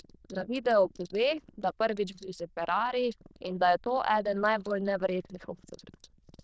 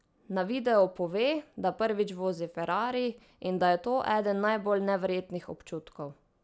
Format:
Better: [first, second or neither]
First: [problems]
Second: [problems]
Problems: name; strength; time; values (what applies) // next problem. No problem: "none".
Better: second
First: noise reduction (neural diffusion model UNIVERSE++)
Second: none